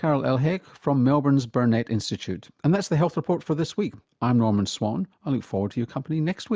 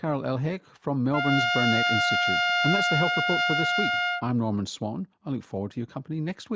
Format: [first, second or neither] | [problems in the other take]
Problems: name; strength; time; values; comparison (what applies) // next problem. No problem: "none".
first | background sound (Trumpet); 3 dB above the speech